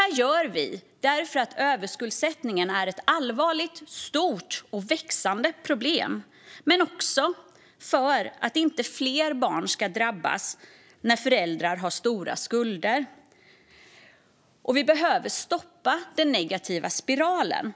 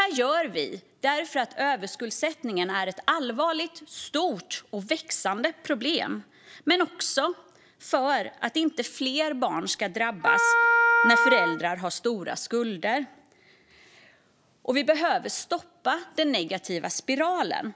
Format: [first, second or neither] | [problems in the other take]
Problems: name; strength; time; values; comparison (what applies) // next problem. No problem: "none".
first | background sound (Wind instrument, woodwind instrument); 5 dB above the speech